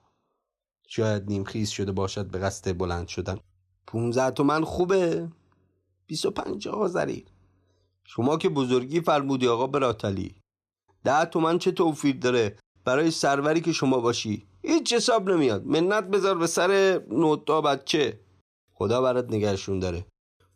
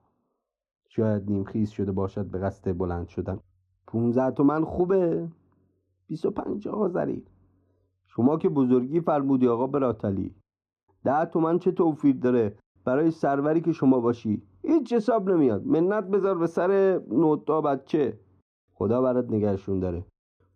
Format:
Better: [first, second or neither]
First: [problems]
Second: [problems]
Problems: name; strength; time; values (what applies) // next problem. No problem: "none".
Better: first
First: none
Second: muffled; very; fading above 2 kHz